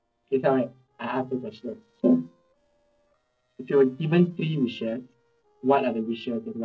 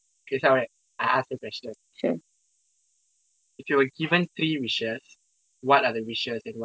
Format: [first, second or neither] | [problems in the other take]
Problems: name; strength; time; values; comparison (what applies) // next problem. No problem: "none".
second | noise reduction (neural separator model SepFormer DNS4)